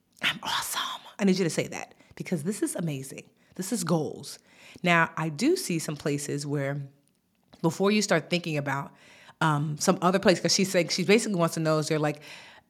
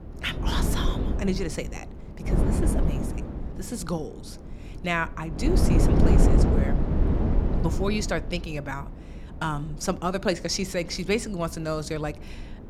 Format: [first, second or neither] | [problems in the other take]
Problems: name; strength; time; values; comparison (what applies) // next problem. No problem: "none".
first | wind noise on the microphone; heavy; 2 dB below the speech